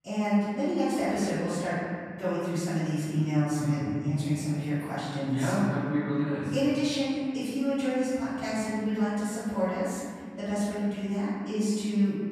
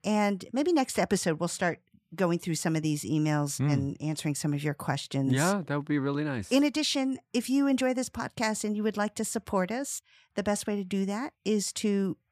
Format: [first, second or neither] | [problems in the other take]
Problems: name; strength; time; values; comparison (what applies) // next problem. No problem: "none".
second | off-mic speech; far // room echo; strong; dies away in 2.2 s